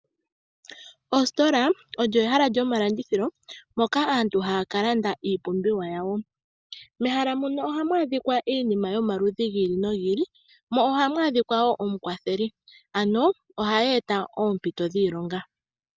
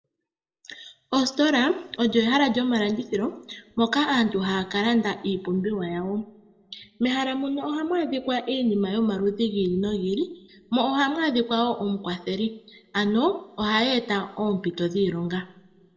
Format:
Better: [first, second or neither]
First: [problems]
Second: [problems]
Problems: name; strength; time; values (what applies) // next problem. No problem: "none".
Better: first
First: none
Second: room echo; dies away in 1 s